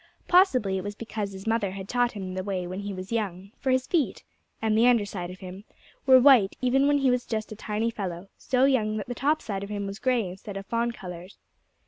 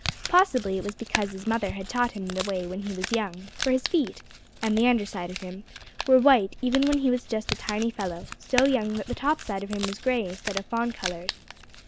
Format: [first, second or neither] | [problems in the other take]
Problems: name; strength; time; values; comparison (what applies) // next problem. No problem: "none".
first | background sound (Crumpling, crinkling); 10 dB below the speech